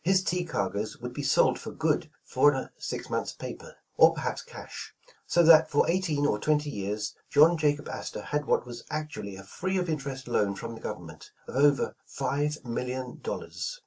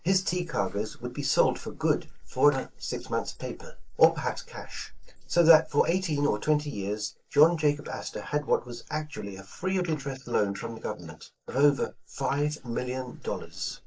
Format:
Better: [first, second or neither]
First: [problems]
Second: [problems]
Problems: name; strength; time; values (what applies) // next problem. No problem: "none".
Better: first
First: none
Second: noise reduction (neural mask model Resemble Enhance denoiser)